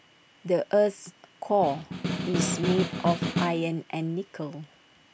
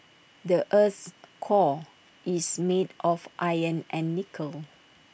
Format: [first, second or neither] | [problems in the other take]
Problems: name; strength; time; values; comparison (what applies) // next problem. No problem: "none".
second | background sound (Snare drum); 1 dB below the speech